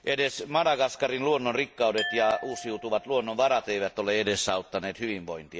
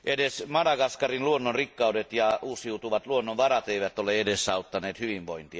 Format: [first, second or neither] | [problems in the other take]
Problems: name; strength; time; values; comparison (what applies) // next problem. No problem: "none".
second | background sound (Glass); 16 dB below the speech